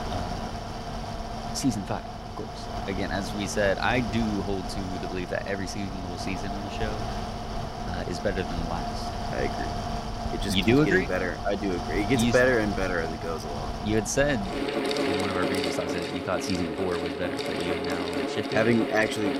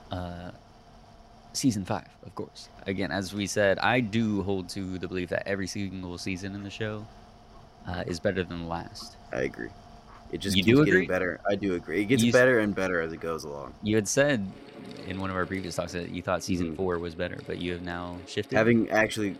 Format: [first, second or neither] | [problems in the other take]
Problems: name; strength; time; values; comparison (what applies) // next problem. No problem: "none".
second | machinery noise; loud; throughout; 4 dB below the speech; faint in the second